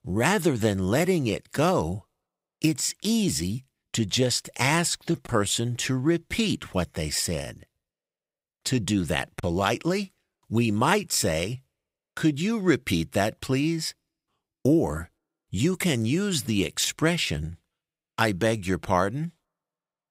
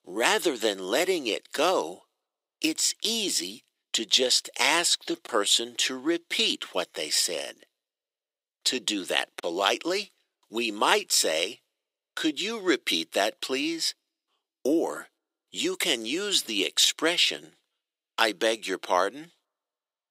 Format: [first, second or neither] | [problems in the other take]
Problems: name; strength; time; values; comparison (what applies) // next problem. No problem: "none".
first | thin; somewhat; fading below 300 Hz